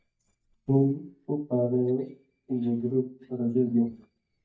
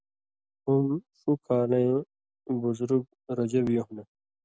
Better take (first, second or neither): second